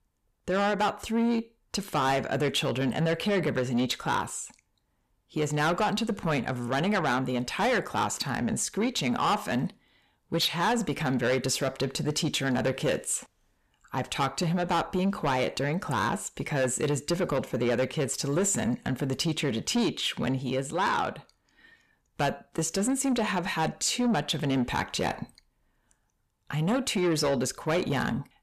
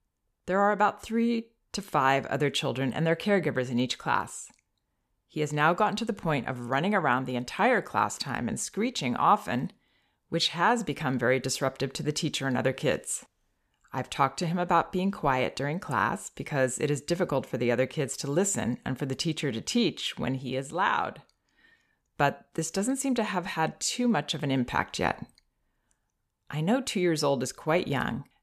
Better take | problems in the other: second | distortion; heavy; 8 dB below the speech

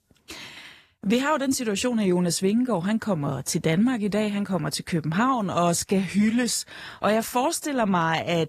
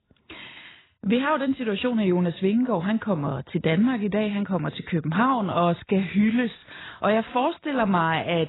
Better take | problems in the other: first | garbled, watery; badly; nothing above 4 kHz; slightly in the first

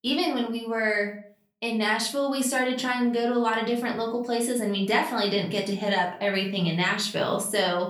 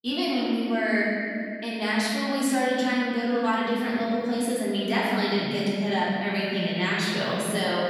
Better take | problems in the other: first | room echo; strong; dies away in 2.8 s; slight in the first // off-mic speech; far; far in the first

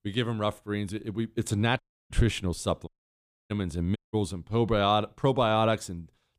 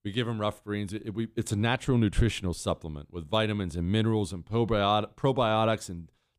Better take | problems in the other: second | audio cutting out; at 2 s, at 3 s for 0.5 s and at 4 s

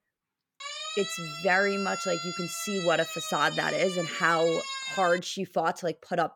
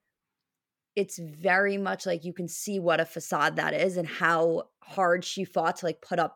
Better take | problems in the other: second | siren; noticeable; from 0.5 to 5 s; peak 5 dB below the speech

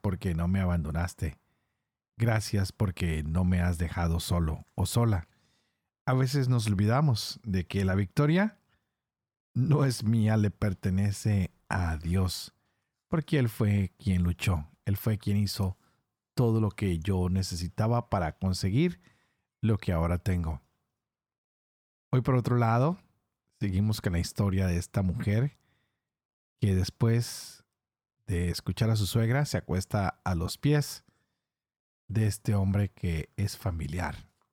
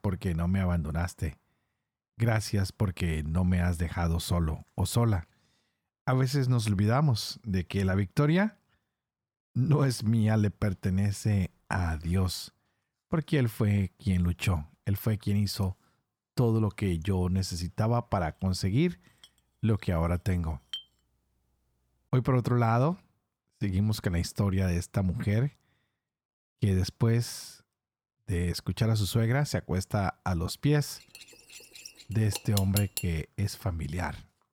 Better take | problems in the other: first | clattering dishes; very faint; from 19 to 21 s; peak 10 dB below the speech // clattering dishes; noticeable; from 31 to 33 s; peak 5 dB below the speech

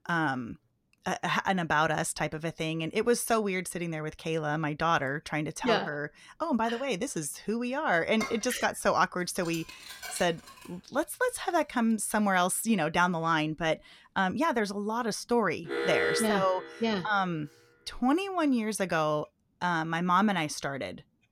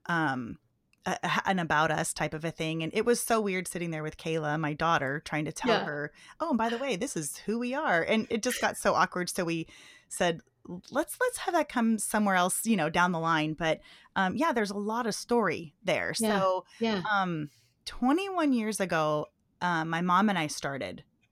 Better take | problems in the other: second | clattering dishes; noticeable; from 8 to 11 s; peak 8 dB below the speech // alarm; loud; from 16 to 17 s; peak 1 dB above the speech

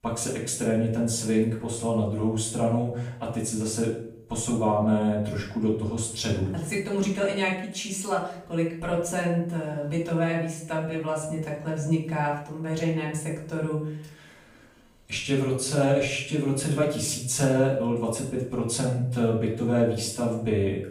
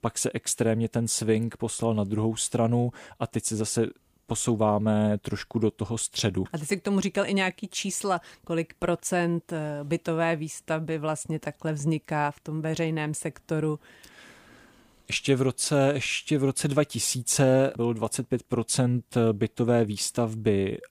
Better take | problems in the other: second | off-mic speech; far // room echo; noticeable; dies away in 0.6 s

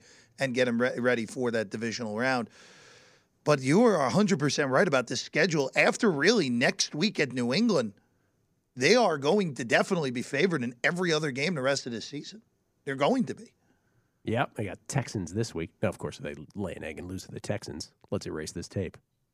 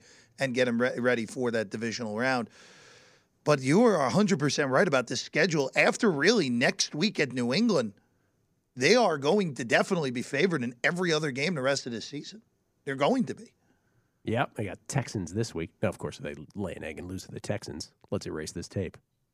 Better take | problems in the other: neither | none

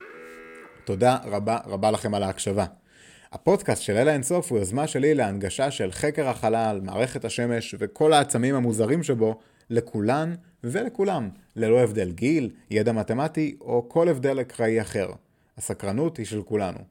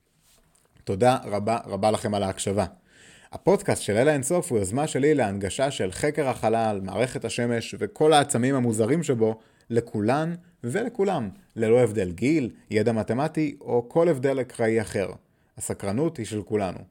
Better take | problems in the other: second | alarm; faint; until 1.5 s; peak 20 dB below the speech

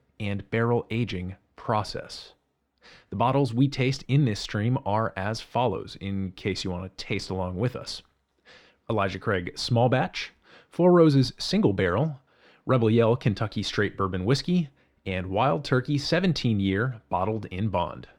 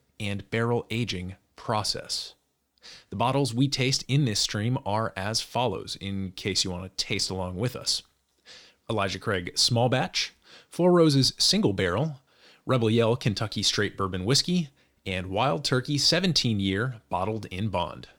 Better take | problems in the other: second | muffled; slightly; fading above 3.5 kHz

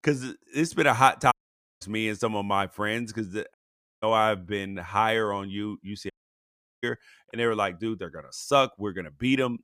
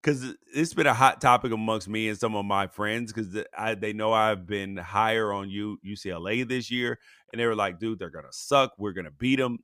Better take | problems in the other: second | audio cutting out; at 1.5 s, at 3.5 s and at 6 s for 0.5 s

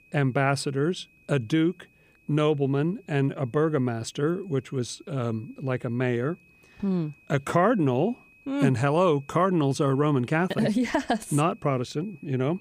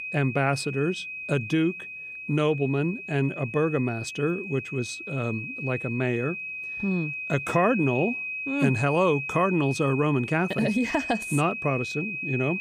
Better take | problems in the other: first | high-pitched whine; loud; throughout; 2.5 kHz, 6 dB below the speech; faint in the first

